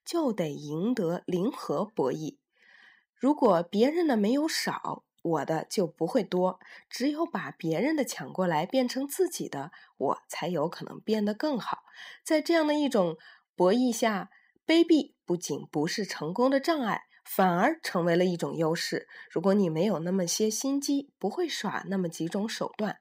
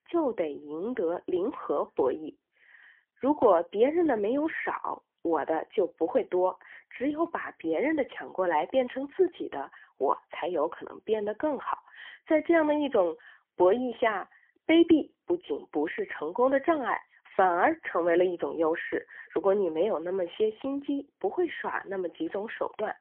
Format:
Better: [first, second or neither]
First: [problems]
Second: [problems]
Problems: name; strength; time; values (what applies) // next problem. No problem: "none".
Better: first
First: none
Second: phone-call audio; poor line; nothing above 3.5 kHz